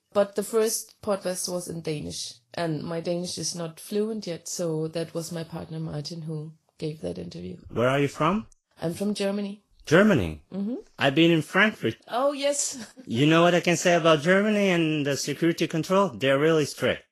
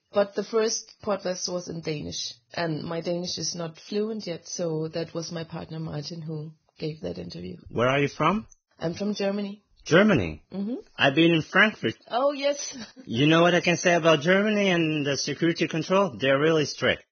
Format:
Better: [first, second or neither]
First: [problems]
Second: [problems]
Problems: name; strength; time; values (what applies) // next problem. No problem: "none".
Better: first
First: garbled, watery; slightly; nothing above 12.5 kHz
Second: garbled, watery; badly; nothing above 6.5 kHz